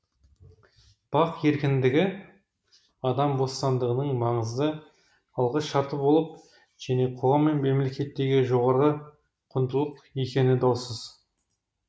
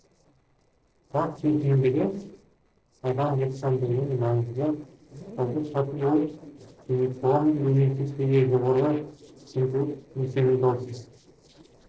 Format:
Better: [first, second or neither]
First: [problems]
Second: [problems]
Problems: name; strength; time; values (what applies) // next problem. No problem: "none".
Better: first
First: none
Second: noise reduction (neural separator model SepFormer DNS4)